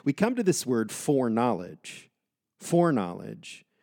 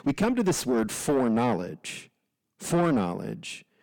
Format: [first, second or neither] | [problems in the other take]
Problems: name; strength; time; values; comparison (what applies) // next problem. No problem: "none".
first | distortion; heavy; 7 dB below the speech